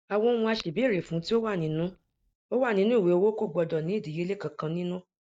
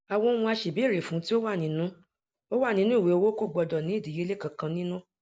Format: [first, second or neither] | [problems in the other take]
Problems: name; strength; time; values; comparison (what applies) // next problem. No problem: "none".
second | noise reduction (neural mask model DeepFilterNet 3)